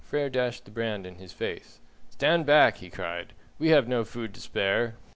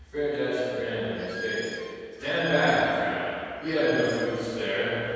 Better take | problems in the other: first | background sound (Squeak); 11 dB below the speech // room echo; dies away in 2.1 s

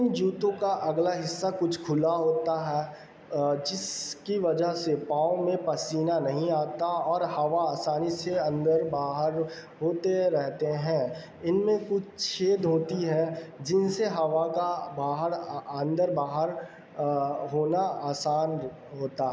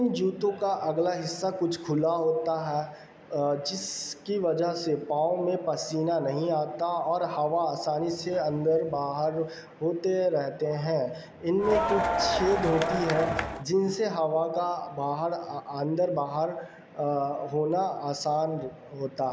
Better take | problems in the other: first | background sound (Crowd); as loud as the speech

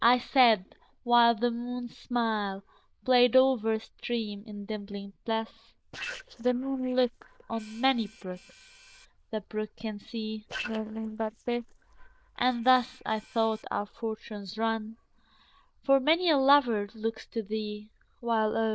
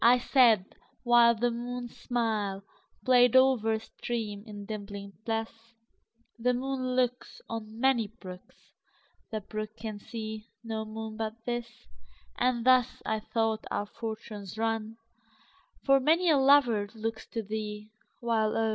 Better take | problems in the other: second | noise reduction (neural diffusion model UNIVERSE++)

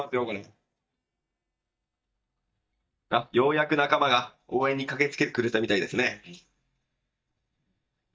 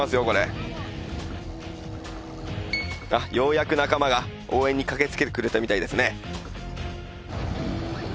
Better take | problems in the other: second | noise reduction (neural mask model DeepFilterNet 3)

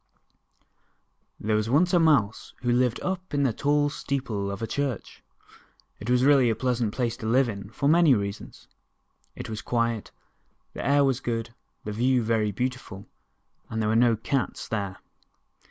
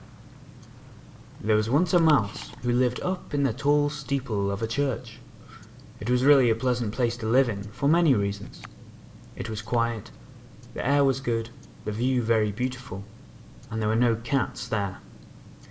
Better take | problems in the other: first | background sound (Tick-tock); 19 dB below the speech // room echo; dies away in 0.5 s

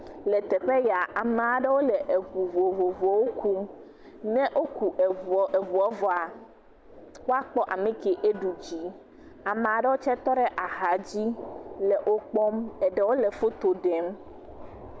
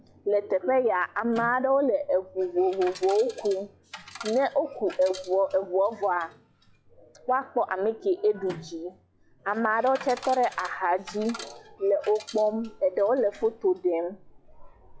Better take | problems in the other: first | noise reduction (classical method log-MMSE)

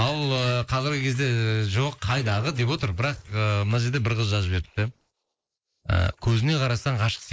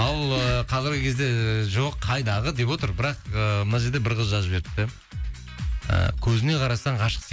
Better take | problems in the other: second | noise reduction (neural mask model Resemble Enhance denoiser)

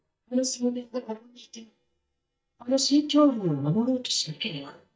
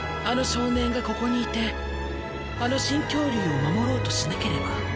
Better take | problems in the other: second | noise reduction (neural mask model DeepFilterNet 3)

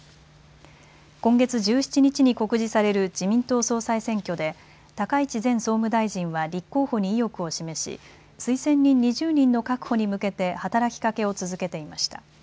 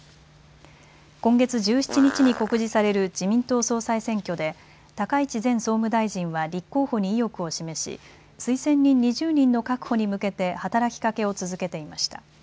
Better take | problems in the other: first | background sound (Fart); 11 dB below the speech

